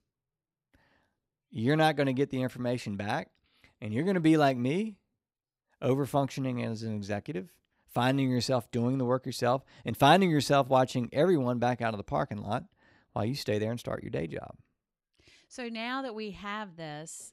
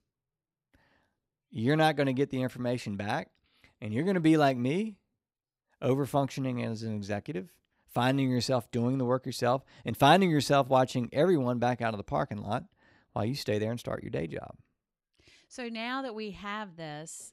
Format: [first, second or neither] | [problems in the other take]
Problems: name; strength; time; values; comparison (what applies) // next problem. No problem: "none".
neither | none